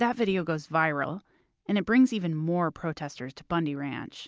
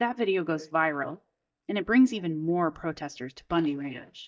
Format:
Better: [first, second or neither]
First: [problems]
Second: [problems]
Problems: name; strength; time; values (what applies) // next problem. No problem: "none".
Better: first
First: none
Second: noise reduction (neural mask model DeepFilterNet 3)